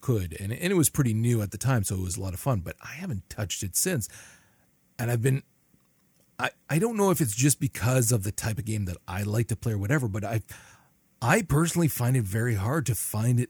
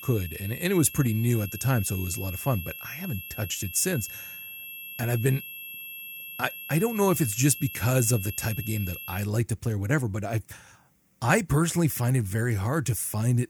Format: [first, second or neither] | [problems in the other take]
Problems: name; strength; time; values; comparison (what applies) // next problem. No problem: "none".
first | high-pitched whine; noticeable; until 9 s; 2.5 kHz, 10 dB below the speech